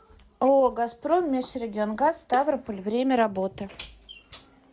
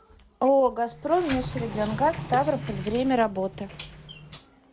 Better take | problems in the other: first | background sound (Sliding door); 10 dB below the speech

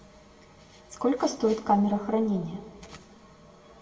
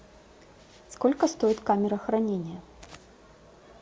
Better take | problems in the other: second | room echo; dies away in 1.2 s

